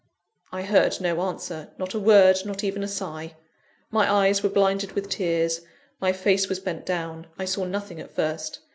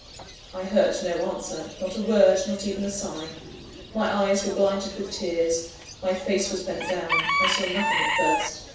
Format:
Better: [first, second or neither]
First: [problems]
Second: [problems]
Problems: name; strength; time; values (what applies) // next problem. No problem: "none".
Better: first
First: none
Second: background sound (Bird / Chicken, rooster); 5 dB below the speech // room echo; dies away in 0.7 s